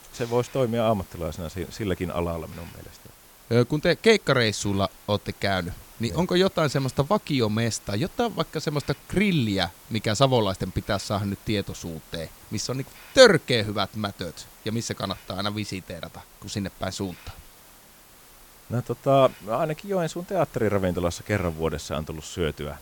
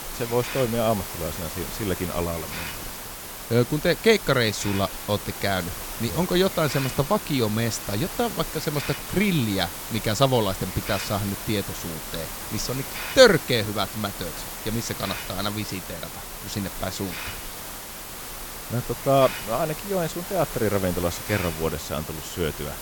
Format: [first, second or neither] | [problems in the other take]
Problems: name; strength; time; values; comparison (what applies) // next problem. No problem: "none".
first | hiss; loud; throughout; 7 dB below the speech; faint in the first